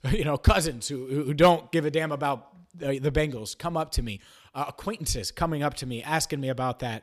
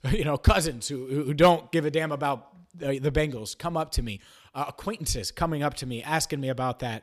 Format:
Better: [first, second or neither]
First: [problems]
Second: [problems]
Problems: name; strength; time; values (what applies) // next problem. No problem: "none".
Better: neither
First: none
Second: none